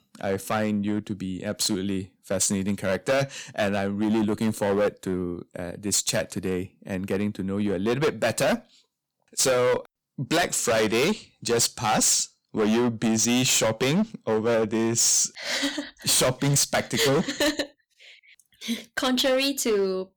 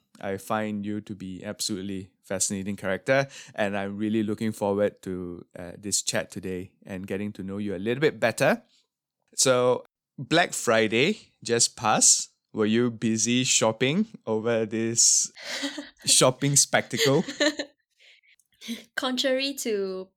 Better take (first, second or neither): second